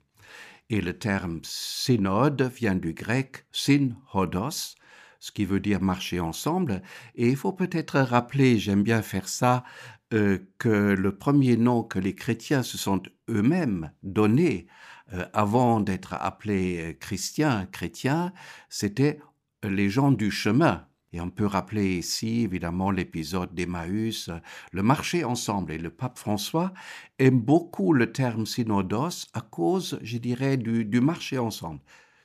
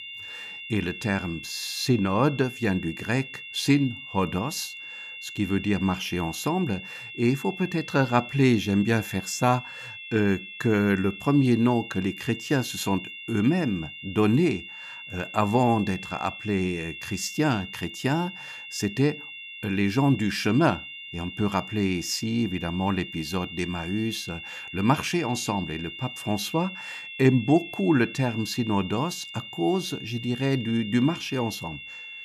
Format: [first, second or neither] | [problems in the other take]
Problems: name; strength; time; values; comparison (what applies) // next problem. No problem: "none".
first | high-pitched whine; noticeable; throughout; 3 kHz, 10 dB below the speech